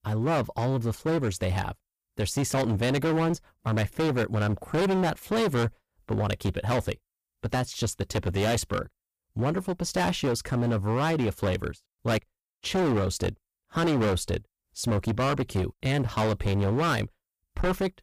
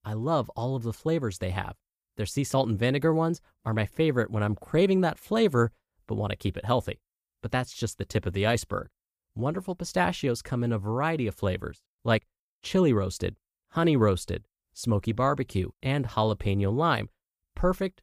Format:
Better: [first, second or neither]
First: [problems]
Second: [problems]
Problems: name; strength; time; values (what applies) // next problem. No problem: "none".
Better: second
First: distortion; heavy; 19% of the sound clipped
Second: none